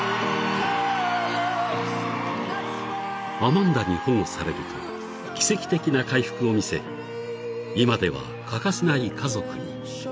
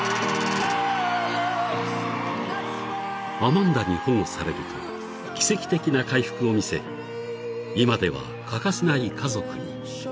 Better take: first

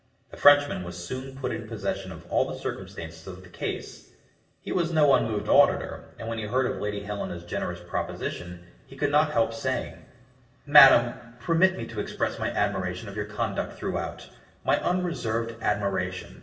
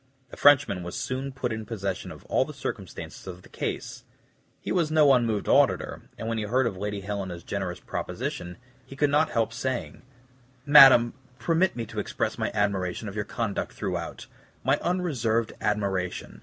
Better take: second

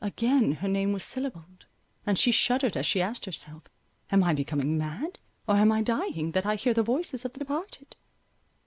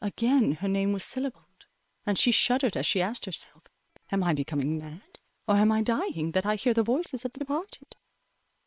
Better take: first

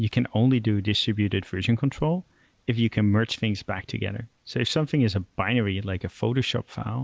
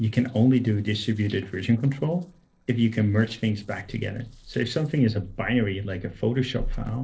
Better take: first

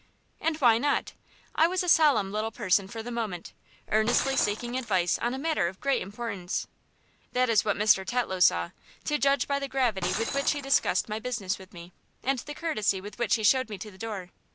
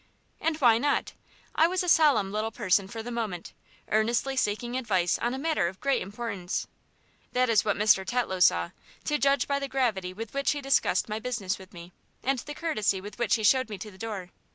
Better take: second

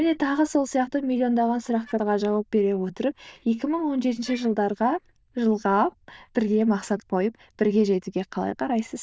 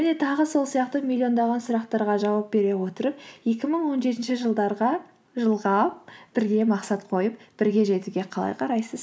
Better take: second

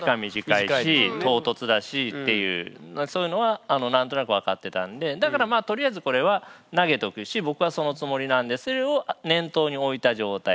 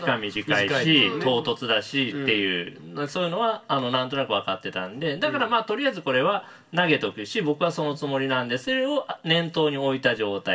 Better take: first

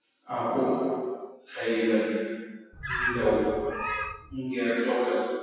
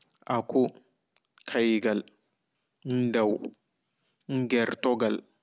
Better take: second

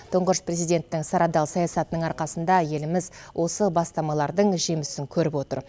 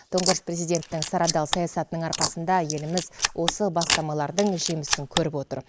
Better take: first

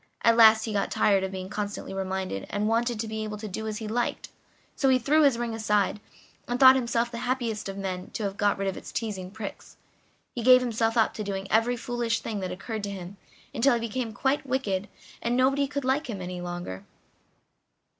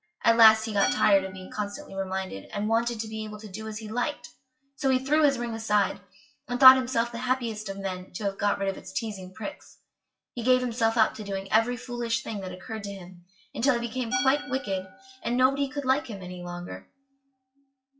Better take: first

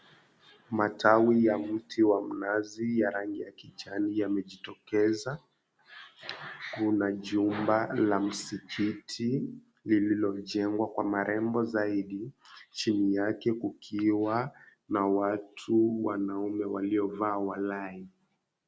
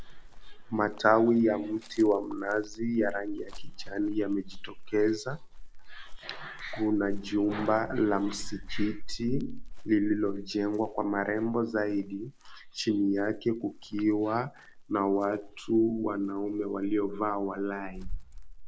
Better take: first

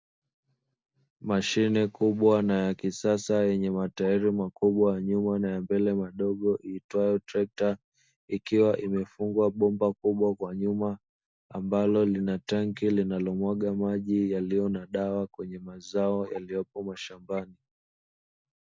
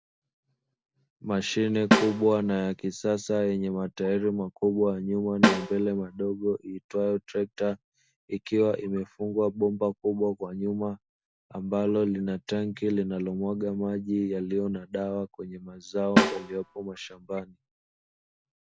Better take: first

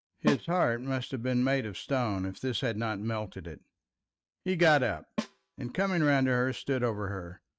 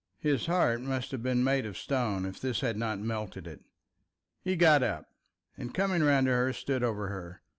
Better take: second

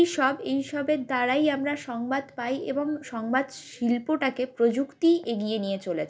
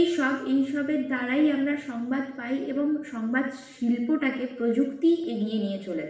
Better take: first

